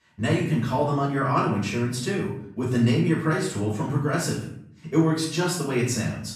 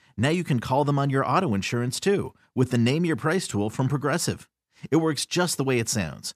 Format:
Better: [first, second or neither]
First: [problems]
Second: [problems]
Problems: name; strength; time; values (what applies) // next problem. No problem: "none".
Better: second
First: off-mic speech; far // room echo; noticeable; dies away in 0.6 s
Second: none